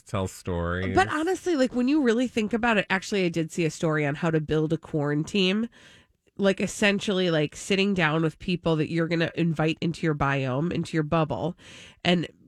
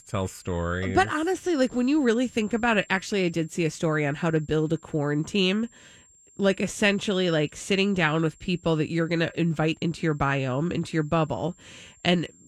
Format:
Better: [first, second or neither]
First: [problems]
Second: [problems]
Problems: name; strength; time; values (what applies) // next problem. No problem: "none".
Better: first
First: none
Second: high-pitched whine; faint; throughout; 7.5 kHz, 30 dB below the speech